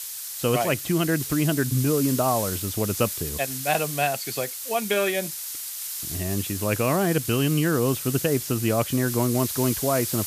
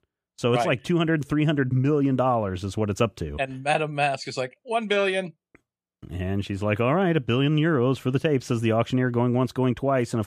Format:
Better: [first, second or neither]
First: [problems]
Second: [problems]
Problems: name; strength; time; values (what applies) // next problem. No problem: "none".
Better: second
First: hiss; loud; throughout; 5 dB below the speech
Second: none